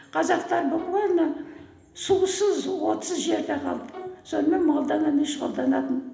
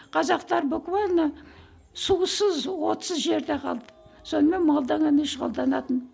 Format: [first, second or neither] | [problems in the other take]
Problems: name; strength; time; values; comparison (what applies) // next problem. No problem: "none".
second | background sound (Bowed string instrument); 18 dB below the speech // room echo; dies away in 1 s